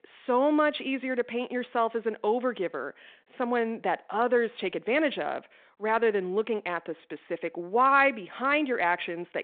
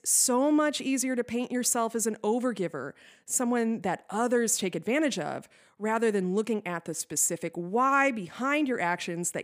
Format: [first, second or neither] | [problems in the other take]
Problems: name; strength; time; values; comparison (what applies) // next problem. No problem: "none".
second | phone-call audio; nothing above 3.5 kHz